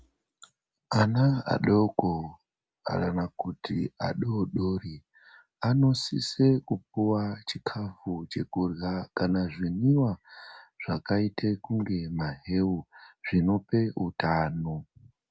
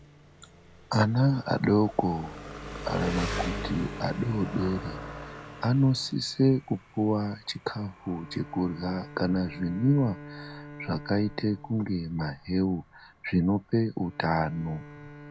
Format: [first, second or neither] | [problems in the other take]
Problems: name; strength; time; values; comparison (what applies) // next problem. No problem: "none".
first | background sound (Bowed string instrument + Engine); 13 dB below the speech